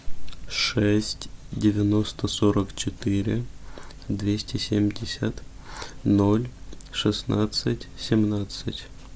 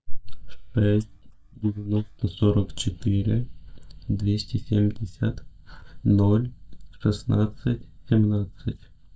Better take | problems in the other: first | noise reduction (neural mask model DeepFilterNet 3)

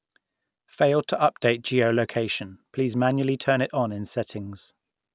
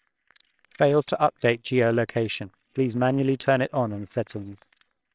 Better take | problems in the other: first | noise reduction (neural separator model SepFormer WHAMR!)

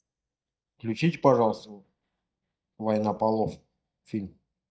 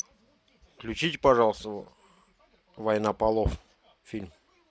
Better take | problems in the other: second | noise reduction (neural mask model DeepFilterNet 3)

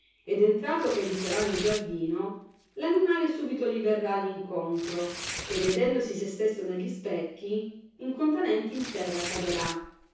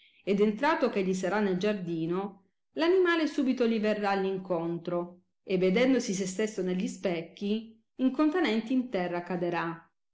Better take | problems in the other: second | background sound (Tearing); 13 dB below the speech // room echo; dies away in 0.6 s

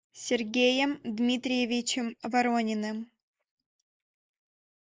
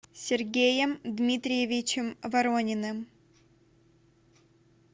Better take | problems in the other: second | noise reduction (neural mask model Resemble Enhance denoiser)

